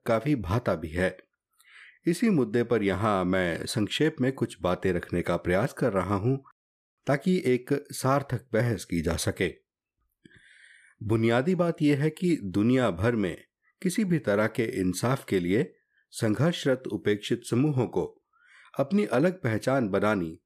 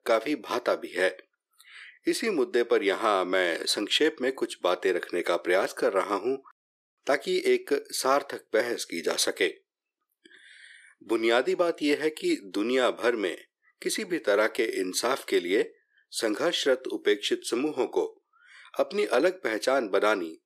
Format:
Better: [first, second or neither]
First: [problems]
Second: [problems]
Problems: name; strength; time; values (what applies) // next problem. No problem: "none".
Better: first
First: none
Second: thin; somewhat; fading below 350 Hz